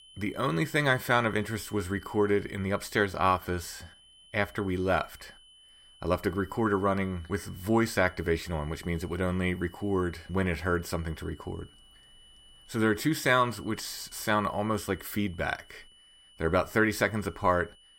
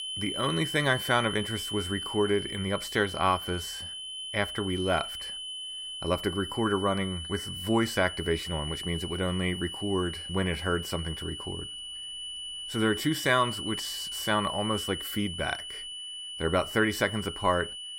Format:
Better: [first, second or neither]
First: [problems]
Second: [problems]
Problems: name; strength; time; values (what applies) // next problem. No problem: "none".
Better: first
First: high-pitched whine; faint; throughout; 3 kHz, 25 dB below the speech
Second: high-pitched whine; loud; throughout; 3 kHz, 6 dB below the speech